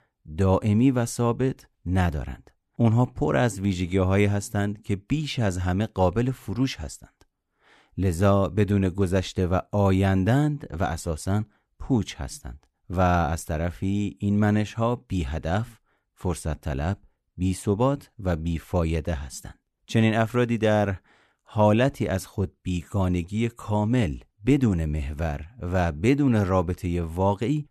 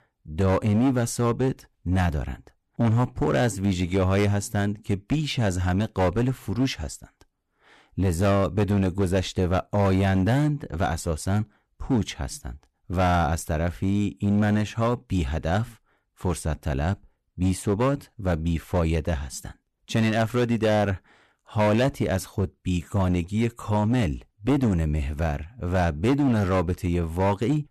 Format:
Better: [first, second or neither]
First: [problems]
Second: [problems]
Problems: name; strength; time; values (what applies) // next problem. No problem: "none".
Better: first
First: none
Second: distortion; slight; 8% of the sound clipped